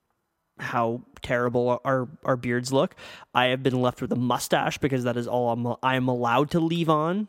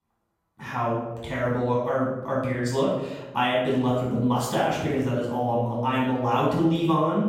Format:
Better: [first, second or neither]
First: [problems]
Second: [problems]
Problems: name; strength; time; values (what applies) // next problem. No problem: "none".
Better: first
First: none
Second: off-mic speech; far // room echo; noticeable; dies away in 0.9 s